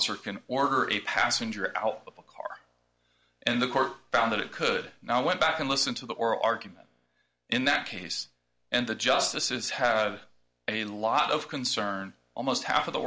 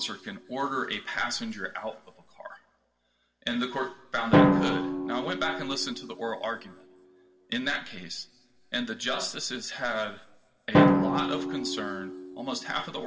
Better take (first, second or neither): first